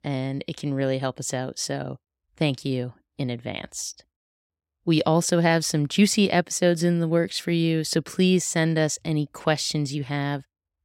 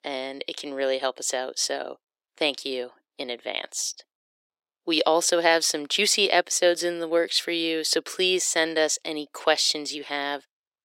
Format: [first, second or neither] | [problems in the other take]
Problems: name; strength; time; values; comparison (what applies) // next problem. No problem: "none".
first | thin; very; fading below 400 Hz